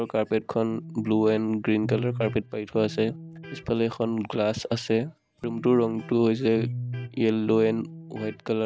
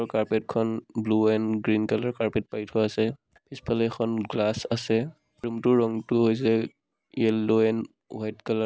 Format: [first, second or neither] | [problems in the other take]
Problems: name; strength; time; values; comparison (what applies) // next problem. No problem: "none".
second | background sound (Electric guitar); 13 dB below the speech